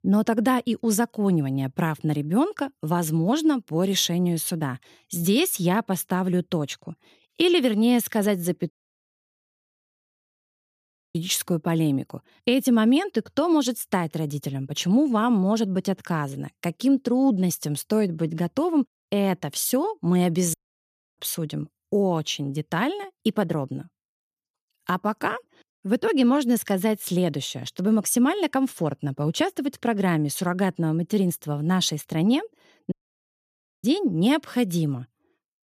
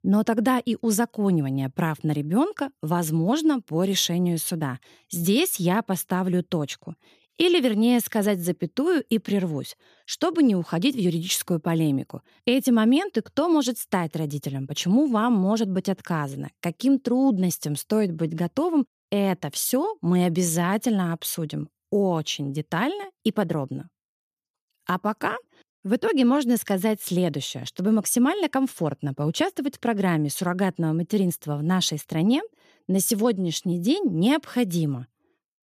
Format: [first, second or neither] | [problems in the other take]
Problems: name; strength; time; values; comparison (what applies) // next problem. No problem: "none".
second | audio cutting out; at 8.5 s for 2.5 s, at 21 s for 0.5 s and at 33 s for 1 s